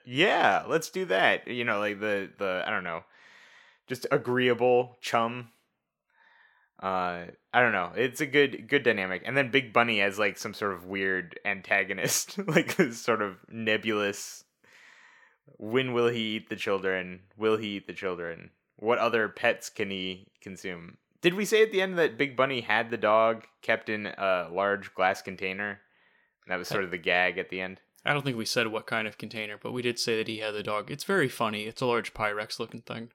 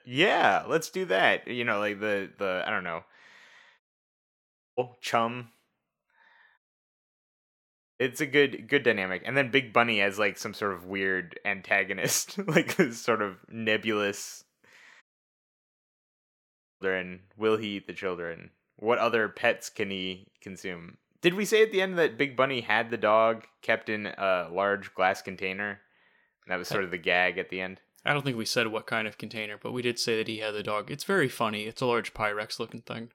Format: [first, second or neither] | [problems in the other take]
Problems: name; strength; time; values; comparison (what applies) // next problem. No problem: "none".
first | audio cutting out; at 4 s for 1 s, at 6.5 s for 1.5 s and at 15 s for 2 s